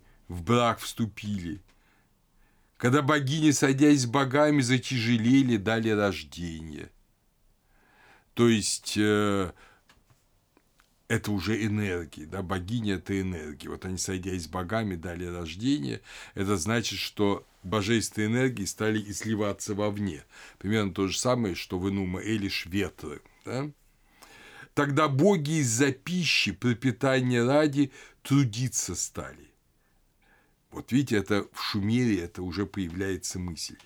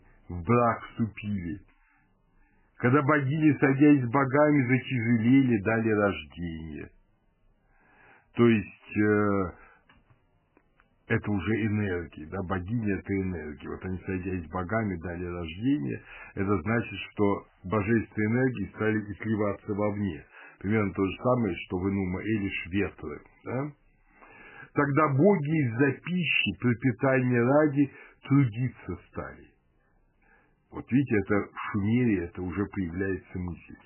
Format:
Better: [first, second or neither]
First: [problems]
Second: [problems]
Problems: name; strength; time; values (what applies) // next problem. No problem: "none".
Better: first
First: none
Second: garbled, watery; badly; nothing above 3 kHz